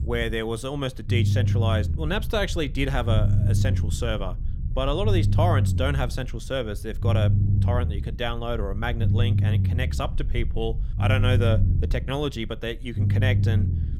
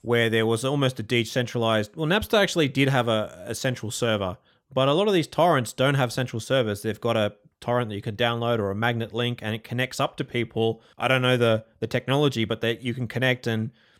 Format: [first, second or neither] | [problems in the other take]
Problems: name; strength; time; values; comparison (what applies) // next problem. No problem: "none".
second | low rumble; loud; throughout; 9 dB below the speech